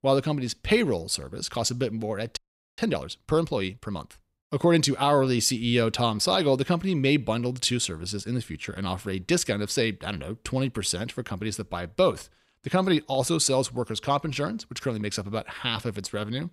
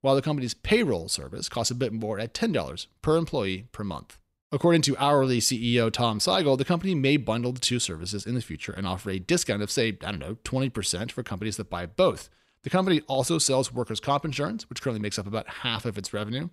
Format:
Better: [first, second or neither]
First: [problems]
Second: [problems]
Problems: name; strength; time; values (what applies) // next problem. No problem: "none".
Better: second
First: audio freezing; at 2.5 s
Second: none